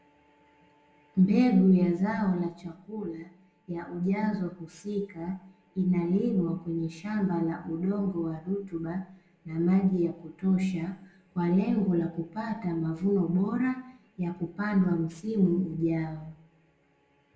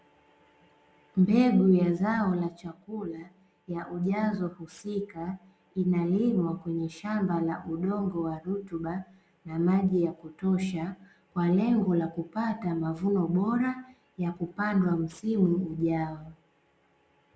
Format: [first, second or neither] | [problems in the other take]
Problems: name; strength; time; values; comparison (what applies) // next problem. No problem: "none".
second | room echo; dies away in 0.5 s